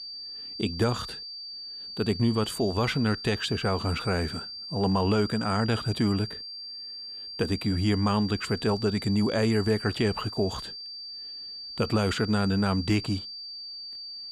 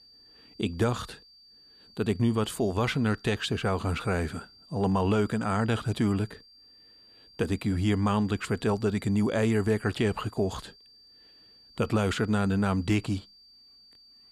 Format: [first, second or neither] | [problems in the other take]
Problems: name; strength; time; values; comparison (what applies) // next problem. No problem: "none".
second | high-pitched whine; loud; throughout; 4.5 kHz, 9 dB below the speech; faint in the second